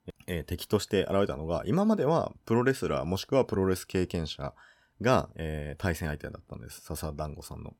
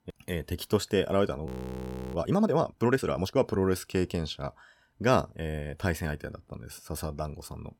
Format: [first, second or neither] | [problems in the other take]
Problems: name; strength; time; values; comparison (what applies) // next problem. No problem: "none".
first | audio freezing; at 1.5 s for 0.5 s